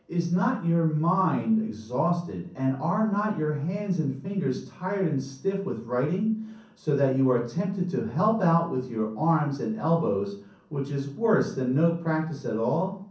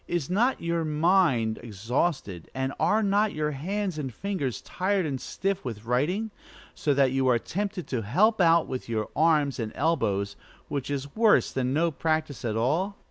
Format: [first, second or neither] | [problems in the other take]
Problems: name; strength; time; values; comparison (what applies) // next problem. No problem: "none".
second | room echo; dies away in 0.6 s